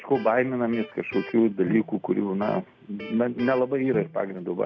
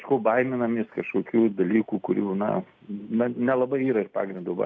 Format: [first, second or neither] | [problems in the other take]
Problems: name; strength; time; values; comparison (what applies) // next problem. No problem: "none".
second | background sound (Electric guitar); 15 dB below the speech